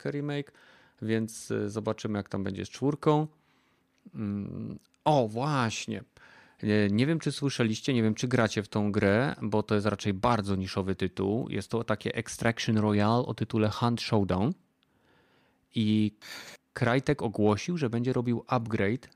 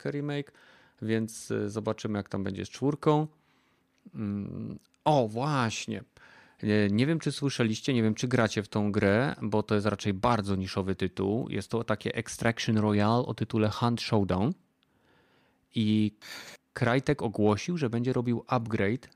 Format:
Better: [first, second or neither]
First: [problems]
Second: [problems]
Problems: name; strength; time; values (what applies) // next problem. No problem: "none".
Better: neither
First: none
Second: none